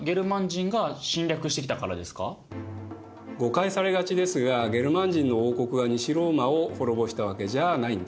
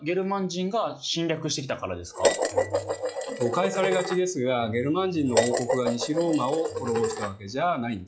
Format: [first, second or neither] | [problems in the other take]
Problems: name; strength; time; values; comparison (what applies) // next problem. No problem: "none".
first | noise reduction (classical method log-MMSE)